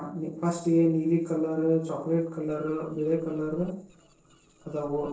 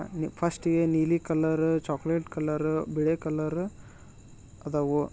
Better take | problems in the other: second | noise reduction (neural separator model SepFormer DNS4)

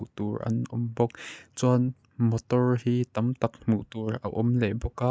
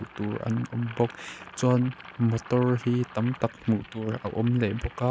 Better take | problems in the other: first | background sound (Boiling); 18 dB below the speech

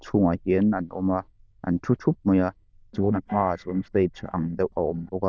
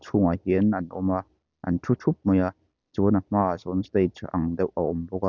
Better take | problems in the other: second | noise reduction (neural diffusion model UNIVERSE++)

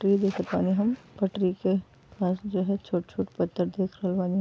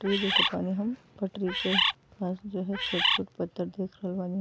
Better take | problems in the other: first | background sound (Bird); 5 dB above the speech

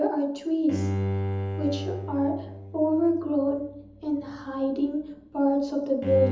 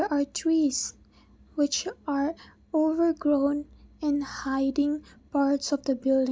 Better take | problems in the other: second | background sound (Bowed string instrument); 7 dB below the speech // room echo; dies away in 0.7 s

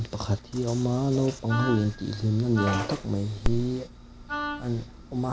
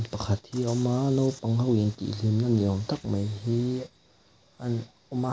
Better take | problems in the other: second | background sound (Wind instrument, woodwind instrument + Telephone); 6 dB below the speech

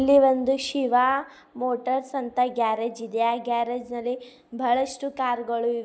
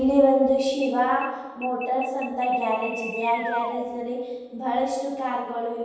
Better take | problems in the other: first | background sound (Alarm); 13 dB below the speech // room echo; dies away in 1.2 s

